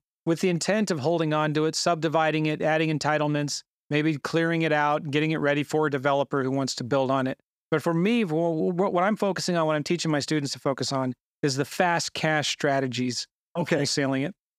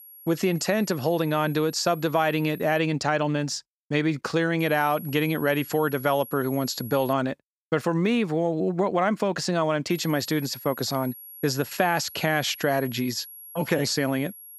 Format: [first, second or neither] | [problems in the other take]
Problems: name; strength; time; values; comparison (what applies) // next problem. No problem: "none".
first | high-pitched whine; noticeable; until 3 s, from 4.5 to 7 s and from 10 s on; 11.5 kHz, 15 dB below the speech